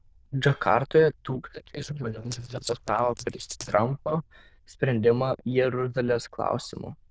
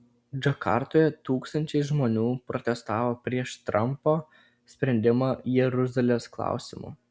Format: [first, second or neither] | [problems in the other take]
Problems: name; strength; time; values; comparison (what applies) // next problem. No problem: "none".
second | noise reduction (neural diffusion model UNIVERSE++)